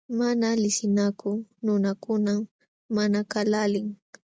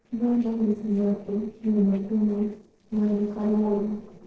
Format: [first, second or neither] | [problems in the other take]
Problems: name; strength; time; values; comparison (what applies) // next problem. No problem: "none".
first | noise reduction (neural separator model SepFormer DNS4)